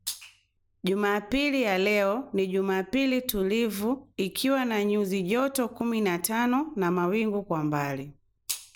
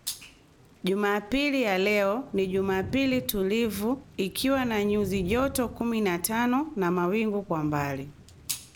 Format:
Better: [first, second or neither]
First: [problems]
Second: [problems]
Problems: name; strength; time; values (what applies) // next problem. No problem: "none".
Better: first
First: none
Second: background sound (Thunder / Rain); 17 dB below the speech